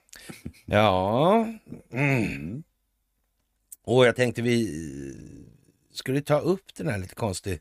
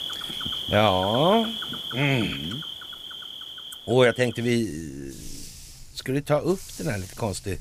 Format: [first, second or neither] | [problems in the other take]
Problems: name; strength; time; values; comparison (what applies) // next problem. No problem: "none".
first | animal sounds; loud; throughout; 8 dB below the speech